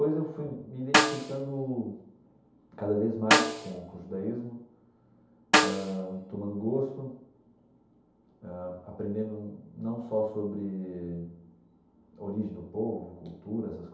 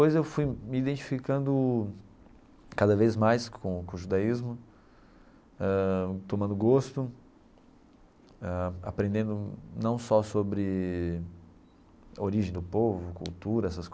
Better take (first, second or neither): second